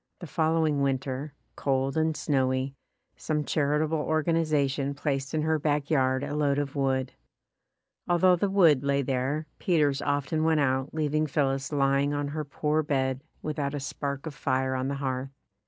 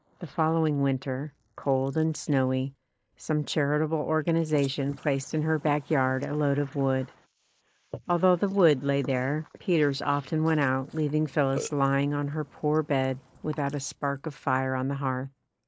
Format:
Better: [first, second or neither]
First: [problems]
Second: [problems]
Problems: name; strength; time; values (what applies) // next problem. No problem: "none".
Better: first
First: none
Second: noise reduction (neural mask model Resemble Enhance denoiser)